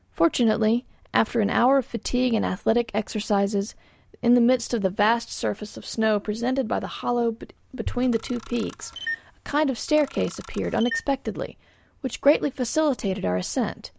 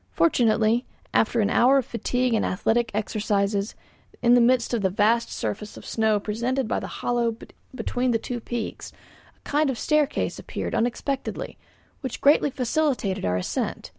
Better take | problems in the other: second | background sound (Camera); 13 dB below the speech

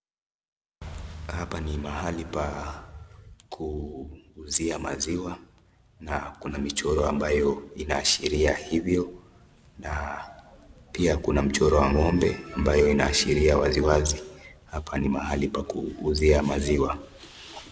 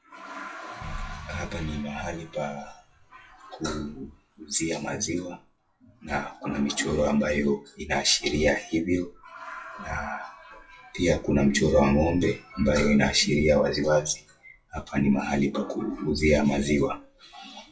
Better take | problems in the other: first | noise reduction (classical method WPE with log-MMSE)

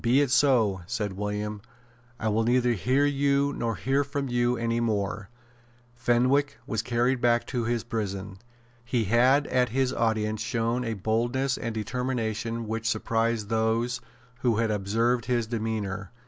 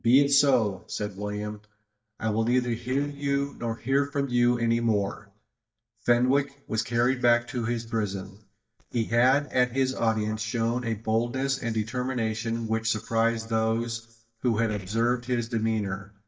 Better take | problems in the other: first | noise reduction (neural mask model DeepFilterNet 3)

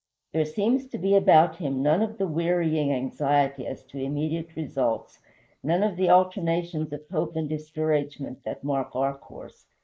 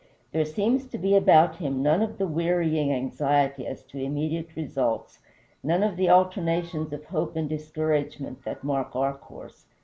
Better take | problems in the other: second | noise reduction (neural mask model Resemble Enhance denoiser)

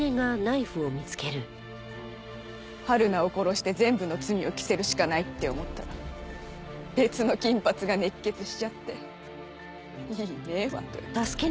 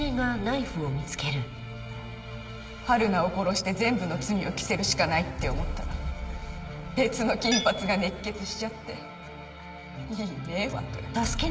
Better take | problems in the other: first | background sound (Tools); 11 dB below the speech // room echo; dies away in 2.4 s

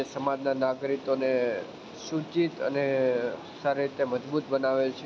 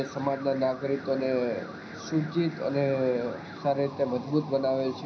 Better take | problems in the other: first | background sound (Alarm); 18 dB below the speech // room echo; dies away in 0.4 s

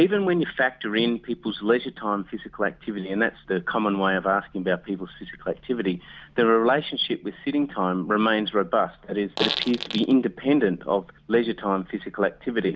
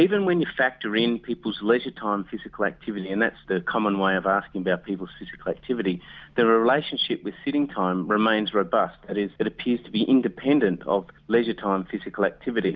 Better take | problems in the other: second | background sound (Fart); 6 dB below the speech

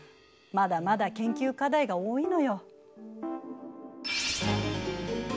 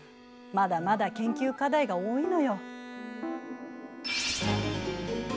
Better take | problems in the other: first | background sound (Telephone + Bowed string instrument); 15 dB below the speech

